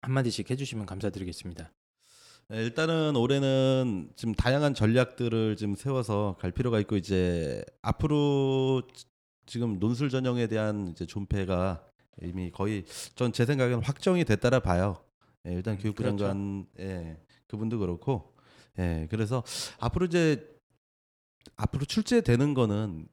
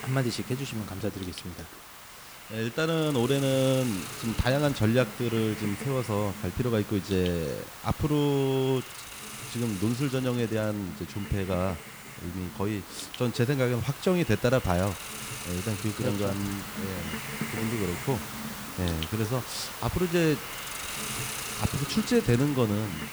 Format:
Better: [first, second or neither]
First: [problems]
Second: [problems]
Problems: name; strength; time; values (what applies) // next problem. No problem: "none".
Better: first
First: none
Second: hiss; loud; throughout; 8 dB below the speech